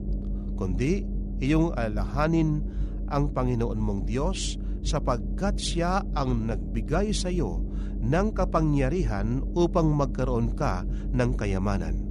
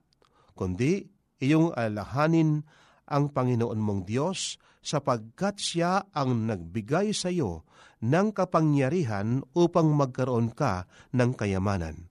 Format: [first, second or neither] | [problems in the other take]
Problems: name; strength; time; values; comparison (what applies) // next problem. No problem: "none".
second | low rumble; noticeable; throughout; 15 dB below the speech